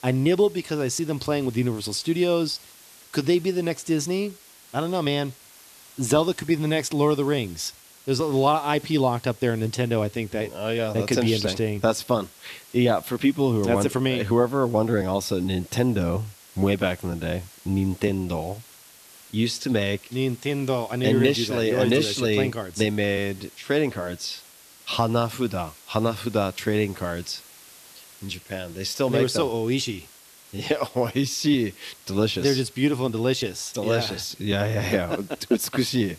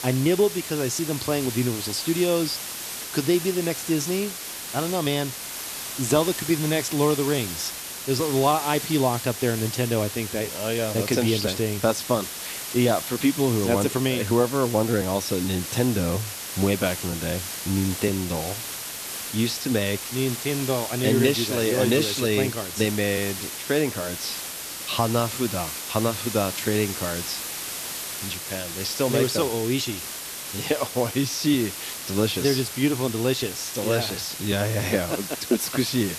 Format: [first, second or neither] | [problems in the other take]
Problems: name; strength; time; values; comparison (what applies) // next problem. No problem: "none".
first | hiss; loud; throughout; 6 dB below the speech; faint in the first